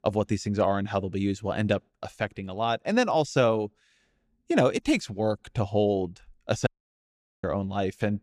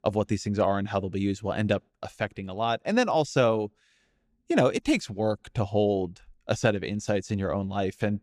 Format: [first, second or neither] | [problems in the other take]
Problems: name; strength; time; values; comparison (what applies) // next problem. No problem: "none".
second | audio cutting out; at 6.5 s for 1 s